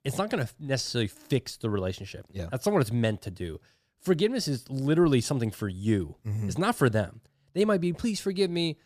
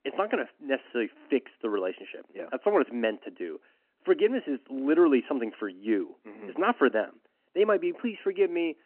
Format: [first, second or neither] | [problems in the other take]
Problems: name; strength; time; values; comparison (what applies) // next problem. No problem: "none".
first | phone-call audio